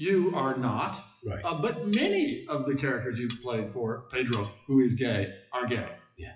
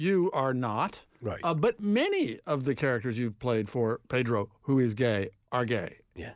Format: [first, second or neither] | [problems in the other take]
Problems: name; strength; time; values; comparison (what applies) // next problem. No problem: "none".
second | noise reduction (classical method WPE with log-MMSE)